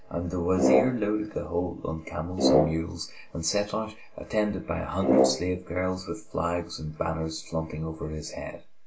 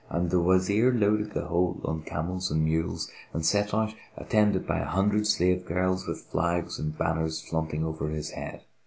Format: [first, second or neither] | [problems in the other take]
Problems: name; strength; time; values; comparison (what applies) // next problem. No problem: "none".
second | background sound (Brass instrument); 3 dB above the speech // room echo; dies away in 0.1 s